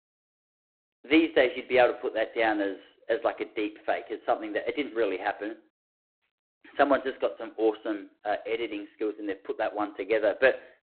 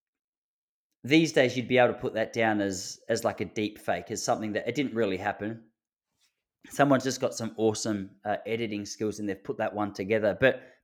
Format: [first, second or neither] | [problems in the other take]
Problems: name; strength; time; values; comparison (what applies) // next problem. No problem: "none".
second | phone-call audio; poor line; nothing above 4 kHz